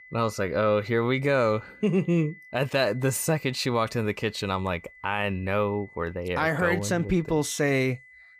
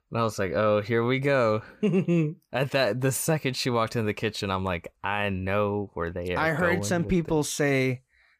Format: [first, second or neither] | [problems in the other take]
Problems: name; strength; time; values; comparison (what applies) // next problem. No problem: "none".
second | high-pitched whine; faint; throughout; 2 kHz, 25 dB below the speech